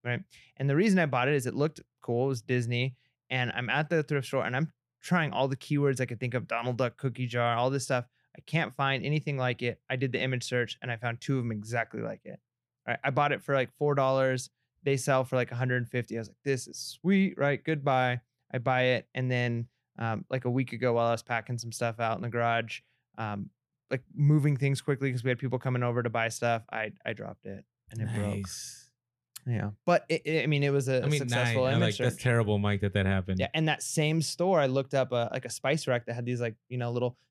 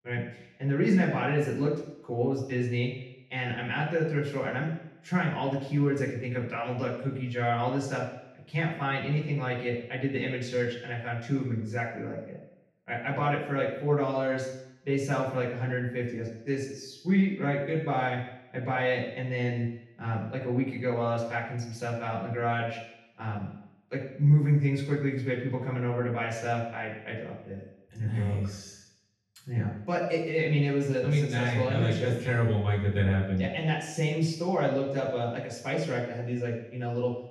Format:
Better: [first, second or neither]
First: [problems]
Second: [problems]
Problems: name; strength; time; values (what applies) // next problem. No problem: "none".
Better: first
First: none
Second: room echo; noticeable; dies away in 0.8 s // off-mic speech; far